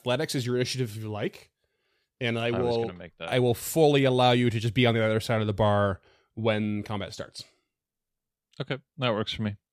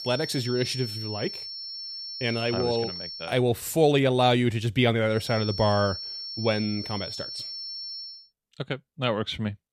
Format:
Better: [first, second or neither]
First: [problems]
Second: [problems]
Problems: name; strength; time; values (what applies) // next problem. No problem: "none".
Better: first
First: none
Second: high-pitched whine; loud; until 3 s and from 5 to 8 s; 5.5 kHz, 8 dB below the speech